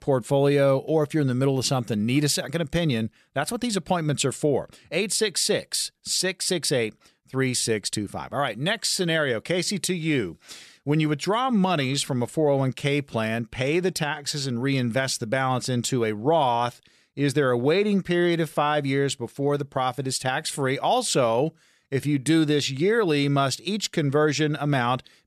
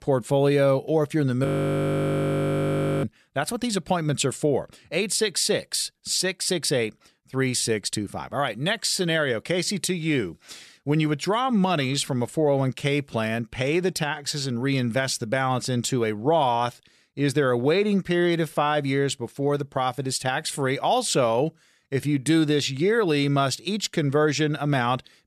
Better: first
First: none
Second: audio freezing; at 1.5 s for 1.5 s

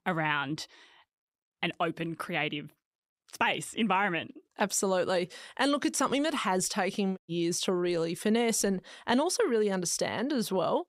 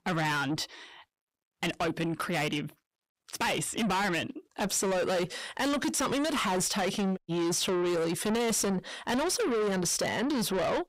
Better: first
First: none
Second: distortion; heavy; 6 dB below the speech

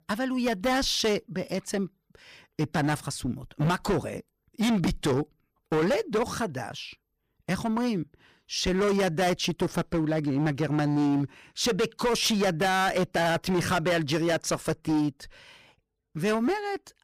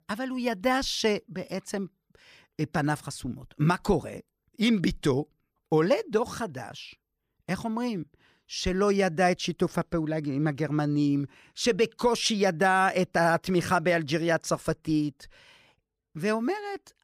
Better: second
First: distortion; heavy; 14% of the sound clipped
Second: none

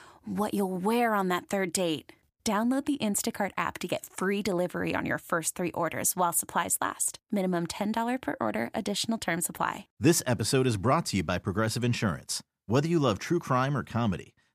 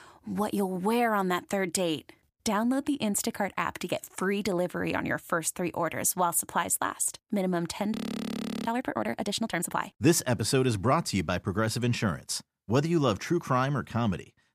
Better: first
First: none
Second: audio freezing; at 8 s for 0.5 s

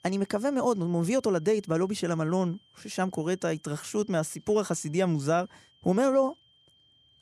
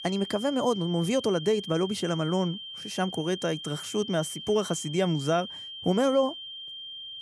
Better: first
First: high-pitched whine; faint; throughout; 3 kHz, 30 dB below the speech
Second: high-pitched whine; loud; throughout; 3 kHz, 10 dB below the speech

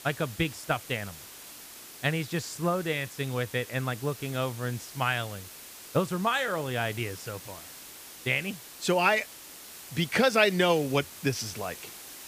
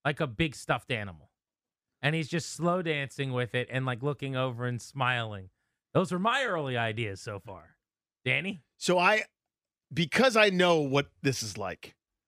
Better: second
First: hiss; noticeable; throughout; 15 dB below the speech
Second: none

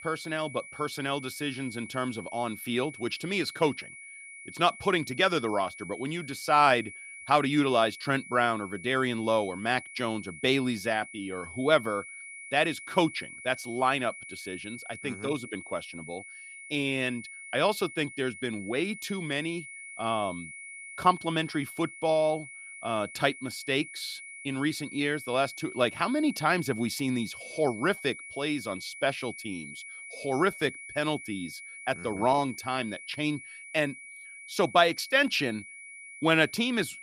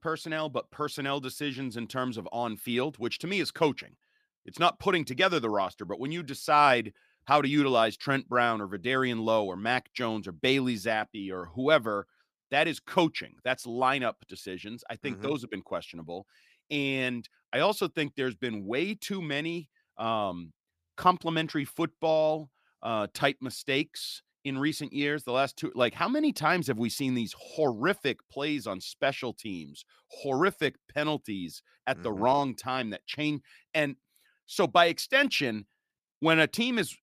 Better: second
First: high-pitched whine; noticeable; throughout; 2 kHz, 15 dB below the speech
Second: none

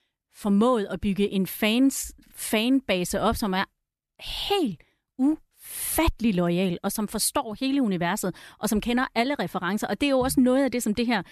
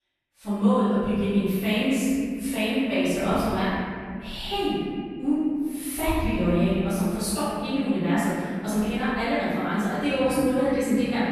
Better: first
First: none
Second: off-mic speech; far // room echo; strong; dies away in 2.3 s

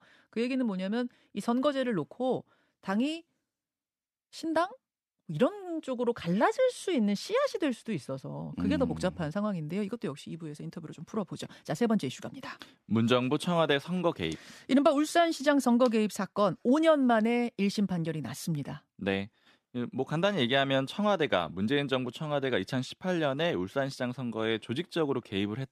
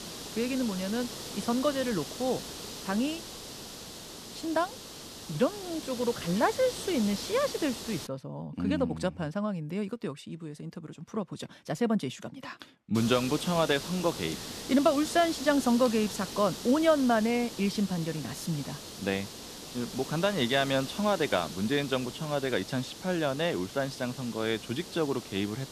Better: first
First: none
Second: hiss; noticeable; until 8 s and from 13 s on; 10 dB below the speech

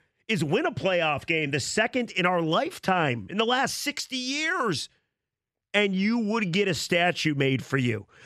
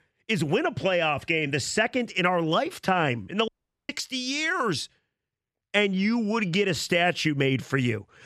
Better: first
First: none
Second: audio cutting out; at 3.5 s

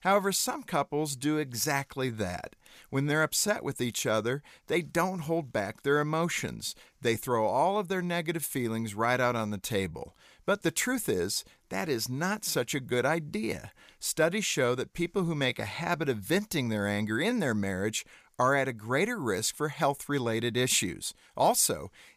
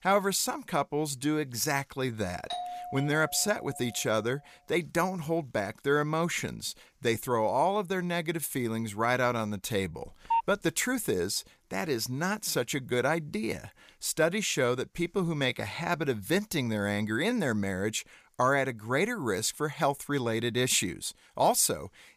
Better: first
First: none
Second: doorbell; noticeable; from 2.5 to 4 s; peak 7 dB below the speech // phone ringing; noticeable; at 10 s; peak 1 dB below the speech

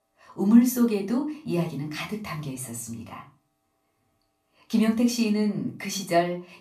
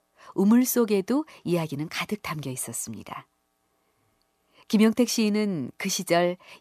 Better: second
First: room echo; slight; dies away in 0.3 s // off-mic speech; somewhat distant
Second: none

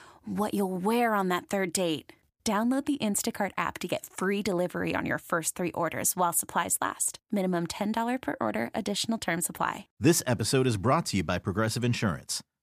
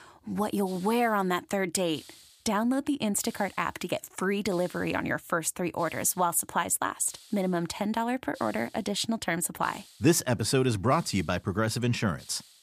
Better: first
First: none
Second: hiss; faint; throughout; 25 dB below the speech

